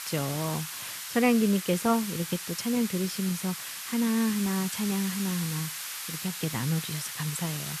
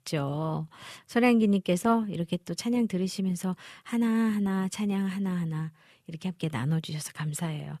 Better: second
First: hiss; loud; throughout; 5 dB below the speech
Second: none

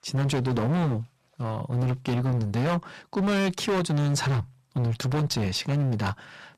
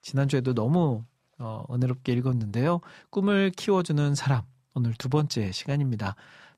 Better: second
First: distortion; heavy; 28% of the sound clipped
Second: none

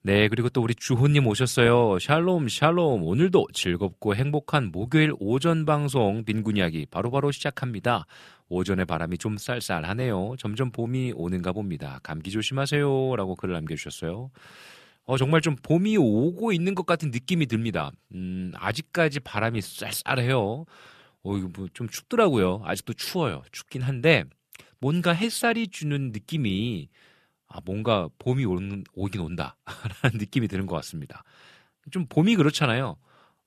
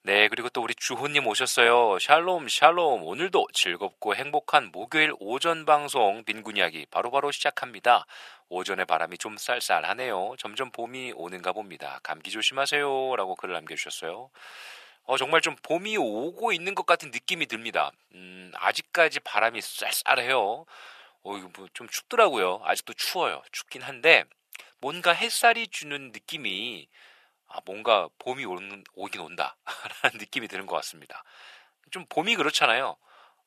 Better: first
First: none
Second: thin; very; fading below 700 Hz

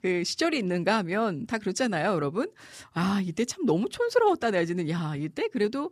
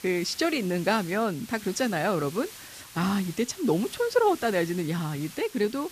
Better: first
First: none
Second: hiss; noticeable; throughout; 15 dB below the speech

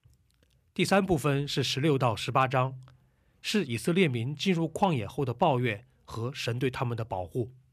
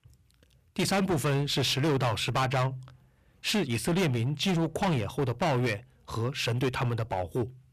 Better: first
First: none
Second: distortion; heavy; 16% of the sound clipped

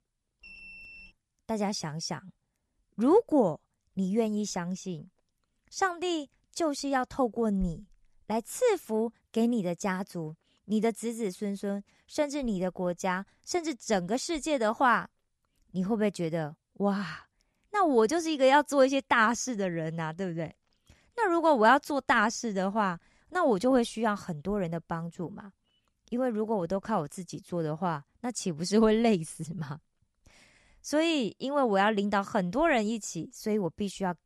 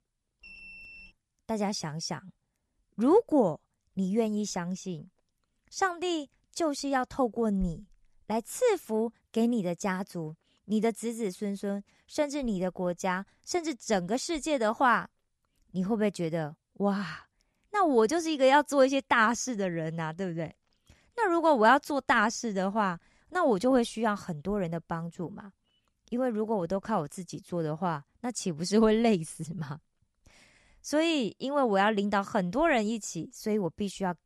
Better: neither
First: alarm; faint; at 0.5 s; peak 15 dB below the speech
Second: alarm; faint; at 0.5 s; peak 15 dB below the speech

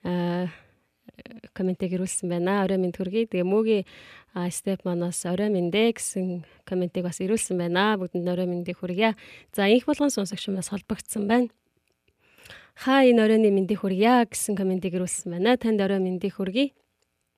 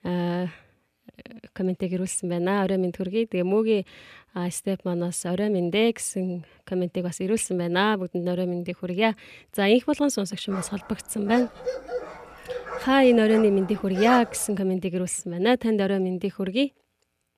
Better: first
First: none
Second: dog barking; noticeable; from 11 to 14 s; peak 4 dB below the speech

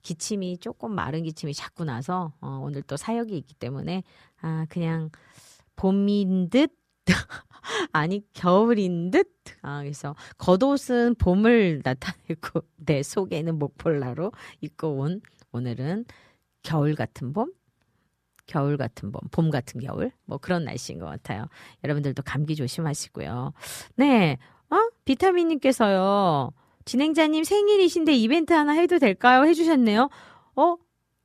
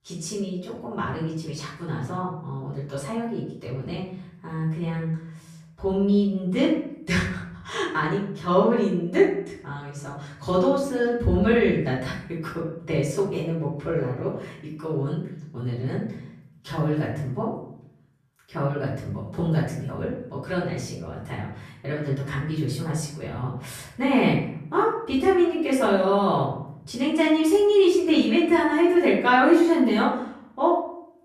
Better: first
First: none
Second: off-mic speech; far // room echo; noticeable; dies away in 0.6 s

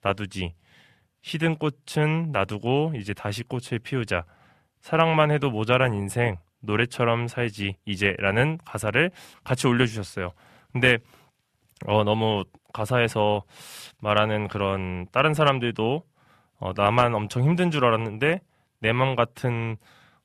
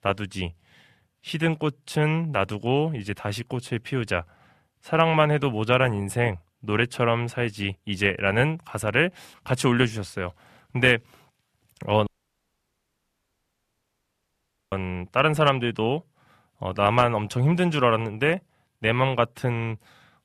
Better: first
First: none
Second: audio cutting out; at 12 s for 2.5 s

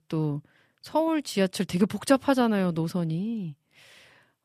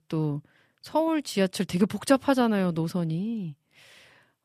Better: neither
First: none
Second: none

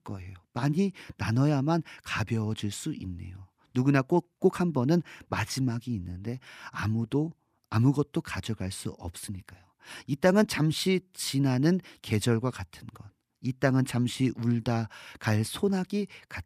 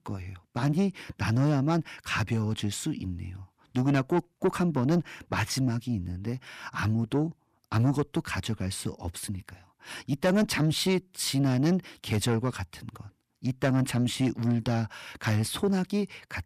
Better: first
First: none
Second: distortion; slight; 10 dB below the speech

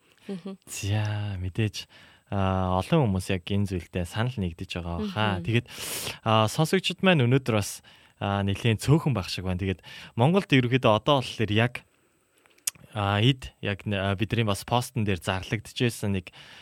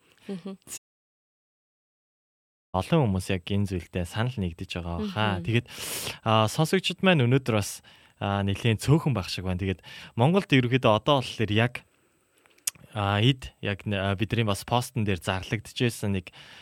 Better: first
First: none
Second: audio cutting out; at 1 s for 2 s

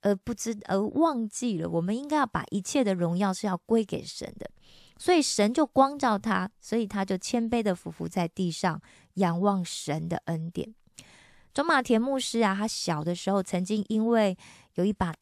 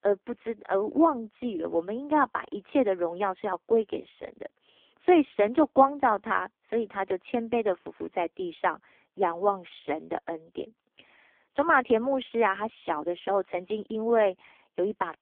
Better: first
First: none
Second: phone-call audio; poor line; nothing above 3.5 kHz

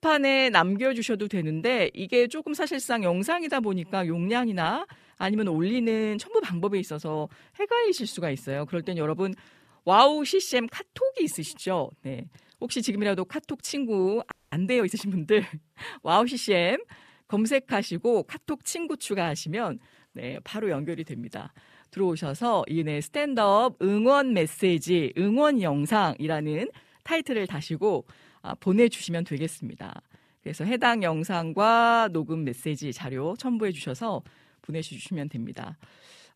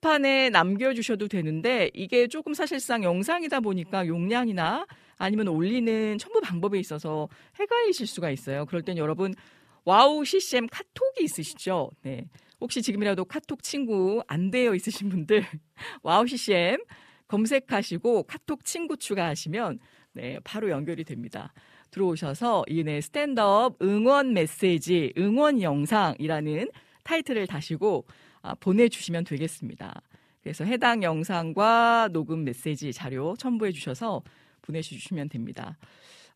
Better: second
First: audio freezing; at 14 s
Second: none

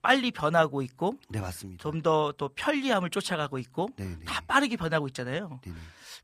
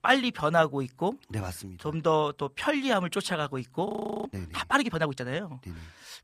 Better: first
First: none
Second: audio freezing; at 4 s

